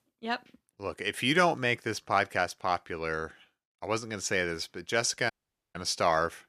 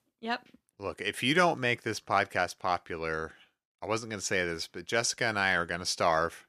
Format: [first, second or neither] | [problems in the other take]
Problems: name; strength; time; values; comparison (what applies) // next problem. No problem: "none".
second | audio cutting out; at 5.5 s